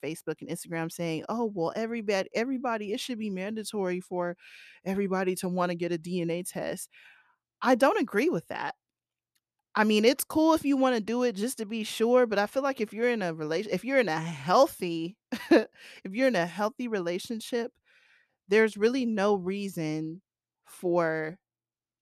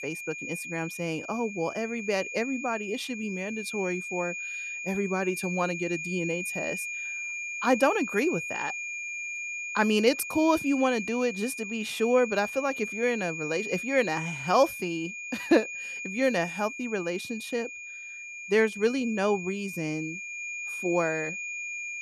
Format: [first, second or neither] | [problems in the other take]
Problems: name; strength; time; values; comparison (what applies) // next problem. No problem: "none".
first | high-pitched whine; loud; throughout; 2.5 kHz, 6 dB below the speech